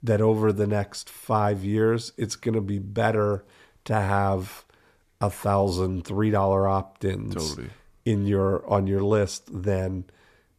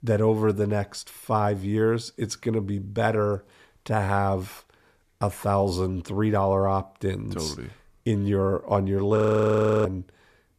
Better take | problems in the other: first | audio freezing; at 9 s for 0.5 s

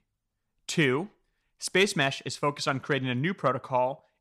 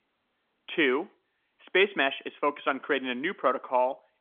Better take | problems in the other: first | phone-call audio; nothing above 3.5 kHz

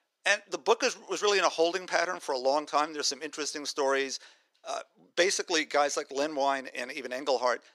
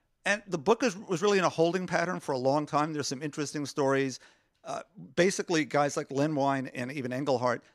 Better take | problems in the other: second | thin; somewhat; fading below 400 Hz

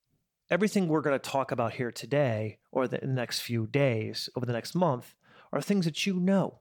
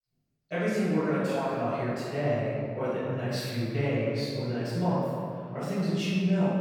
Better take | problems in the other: first | off-mic speech; far // room echo; strong; dies away in 2.3 s

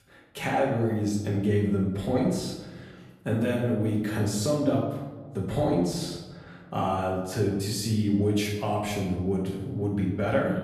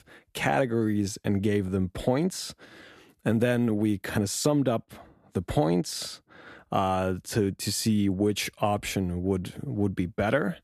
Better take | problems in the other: second | room echo; noticeable; dies away in 1.1 s // off-mic speech; far

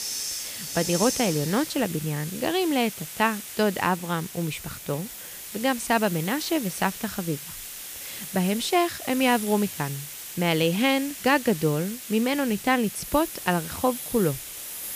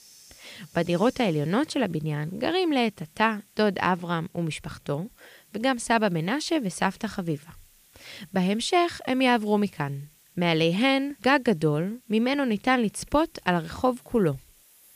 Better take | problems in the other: second | hiss; loud; throughout; 8 dB below the speech; faint in the second

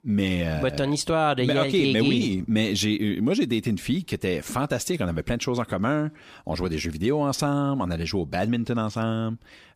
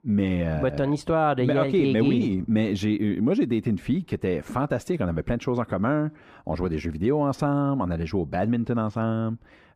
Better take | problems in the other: first | muffled; slightly; fading above 2.5 kHz

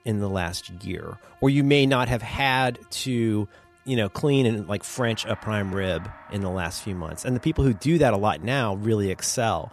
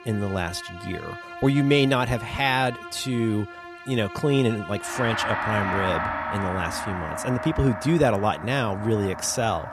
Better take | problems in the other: first | background music; loud; throughout; 7 dB below the speech; faint in the first

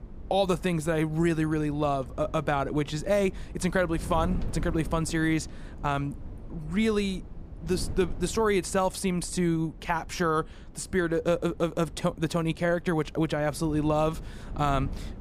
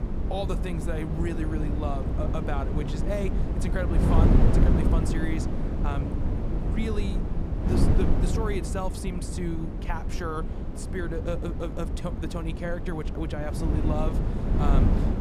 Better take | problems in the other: first | wind noise on the microphone; heavy; 1 dB below the speech; occasional gusts in the first

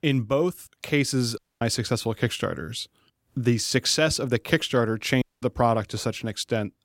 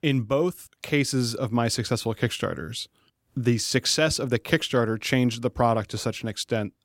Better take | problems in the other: second | audio cutting out; at 1.5 s and at 5 s

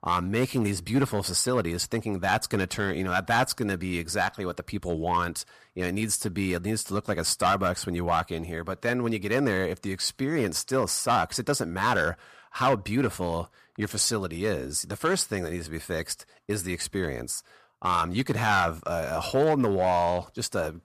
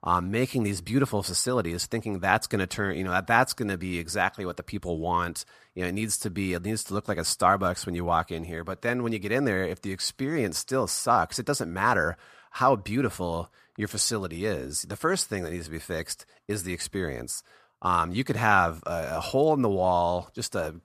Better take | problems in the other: second | distortion; slight; 2% of the sound clipped

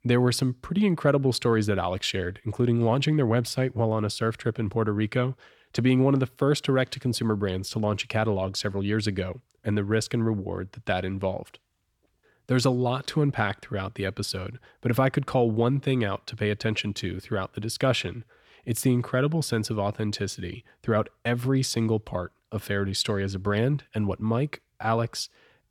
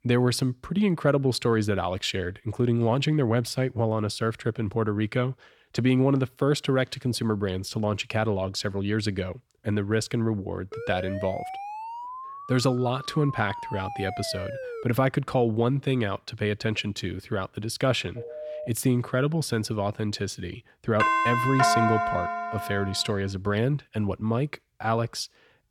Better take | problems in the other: first | siren; noticeable; from 11 to 15 s; peak 9 dB below the speech // phone ringing; noticeable; at 18 s; peak 9 dB below the speech // doorbell; loud; from 21 to 23 s; peak 5 dB above the speech

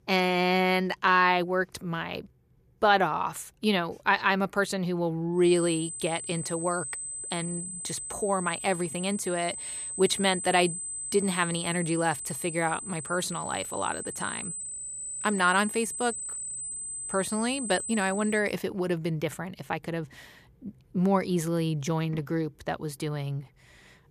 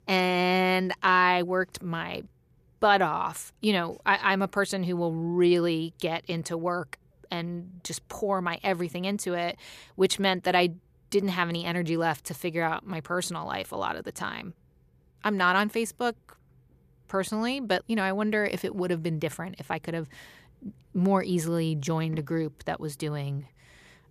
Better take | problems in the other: second | high-pitched whine; loud; from 5.5 to 18 s; 8 kHz, 6 dB below the speech

